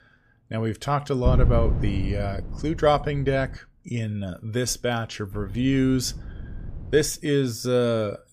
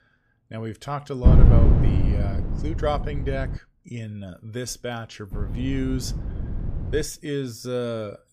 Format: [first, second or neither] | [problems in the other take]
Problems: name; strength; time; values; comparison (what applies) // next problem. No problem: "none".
first | wind noise on the microphone; heavy; from 1.5 to 3.5 s and from 5.5 to 7 s; 3 dB below the speech; occasional gusts in the first